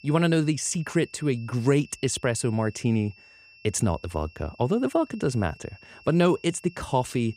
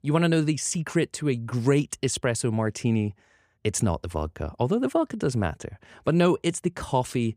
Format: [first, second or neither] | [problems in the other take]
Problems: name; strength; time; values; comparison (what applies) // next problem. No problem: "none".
second | high-pitched whine; faint; throughout; 2.5 kHz, 25 dB below the speech